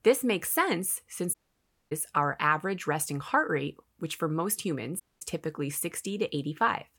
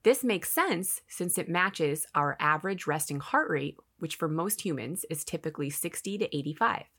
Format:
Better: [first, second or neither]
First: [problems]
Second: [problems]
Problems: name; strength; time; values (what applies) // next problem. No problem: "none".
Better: second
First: audio cutting out; at 1.5 s for 0.5 s and at 5 s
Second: none